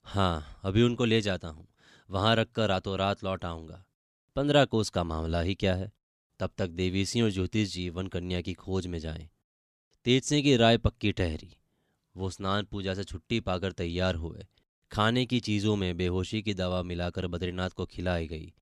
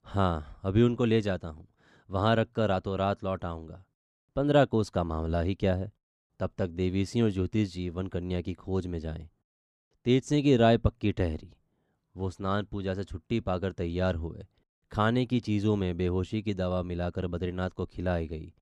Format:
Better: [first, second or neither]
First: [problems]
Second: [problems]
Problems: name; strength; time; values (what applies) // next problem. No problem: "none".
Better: first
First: none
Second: muffled; slightly; fading above 2 kHz